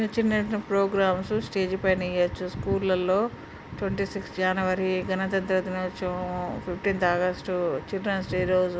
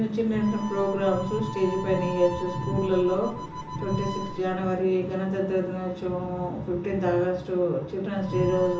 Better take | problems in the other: first | background sound (Harmonica); 14 dB below the speech // room echo; dies away in 0.7 s

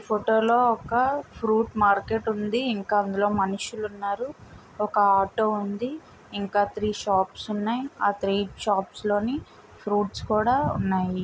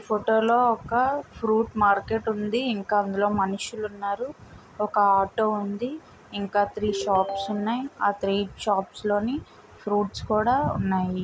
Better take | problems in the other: first | background sound (Ringtone); 8 dB below the speech

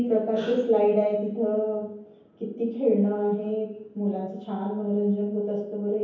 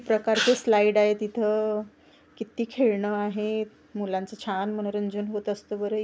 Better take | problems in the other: second | room echo; dies away in 0.9 s

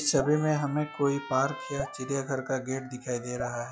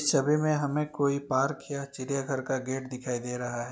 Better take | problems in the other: second | noise reduction (classical method log-MMSE)

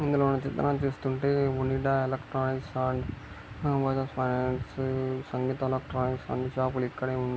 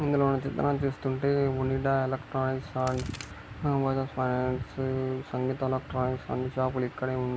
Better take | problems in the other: first | background sound (Crack); 16 dB below the speech

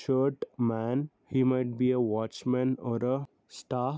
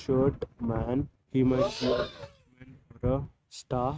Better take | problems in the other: first | noise reduction (neural mask model RNNoise)

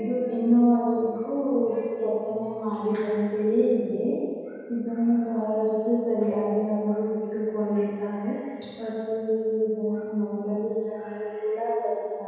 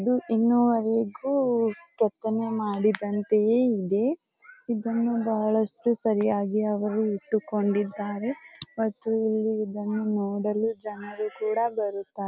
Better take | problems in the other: second | room echo; dies away in 1.9 s

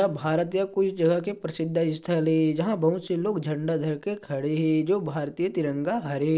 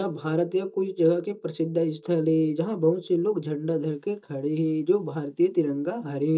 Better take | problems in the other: first | noise reduction (neural mask model DeepFilterNet 3)

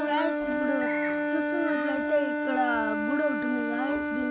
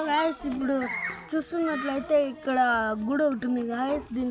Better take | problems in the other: second | background sound (Wind instrument, woodwind instrument); 2 dB above the speech

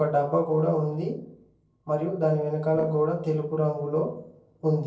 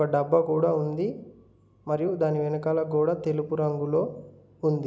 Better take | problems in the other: second | noise reduction (neural separator model SepFormer DNS4)

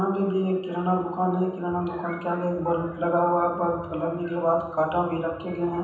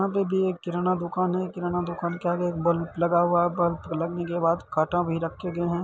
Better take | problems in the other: second | room echo; dies away in 0.9 s

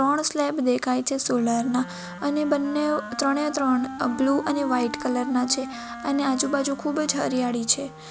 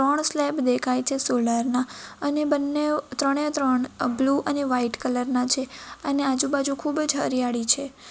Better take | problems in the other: second | background sound (Wind instrument, woodwind instrument); 13 dB below the speech

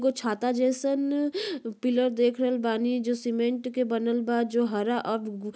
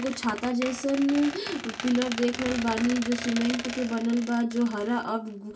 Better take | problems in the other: first | background sound (Squeak); 11 dB below the speech // room echo; dies away in 0.2 s

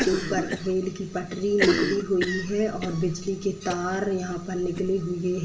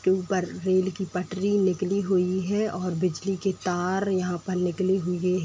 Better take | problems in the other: second | background sound (Cough); 5 dB below the speech // room echo; dies away in 0.9 s

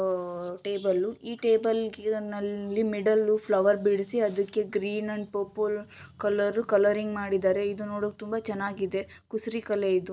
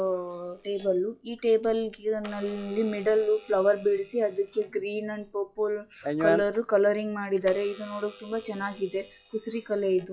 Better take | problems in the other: first | noise reduction (classical method log-MMSE)

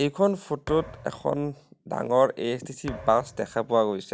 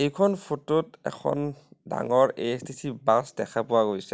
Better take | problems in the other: second | background sound (Thump, thud); 17 dB below the speech

